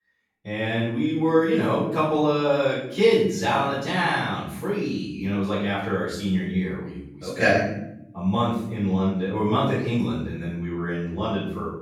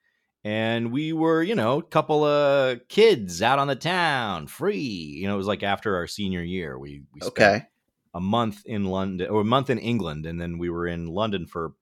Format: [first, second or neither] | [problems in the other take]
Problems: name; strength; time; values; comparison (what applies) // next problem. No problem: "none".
second | room echo; noticeable; dies away in 0.7 s // off-mic speech; far